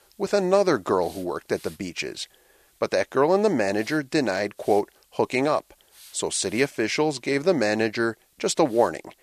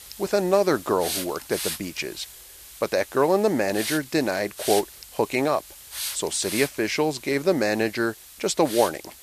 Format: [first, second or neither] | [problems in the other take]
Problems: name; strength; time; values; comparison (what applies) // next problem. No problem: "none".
first | hiss; loud; throughout; 10 dB below the speech; faint in the first